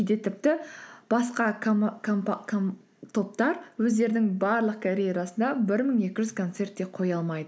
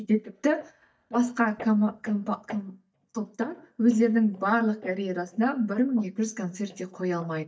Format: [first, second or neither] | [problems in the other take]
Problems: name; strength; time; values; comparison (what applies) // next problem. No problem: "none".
first | noise reduction (neural mask model DeepFilterNet 3)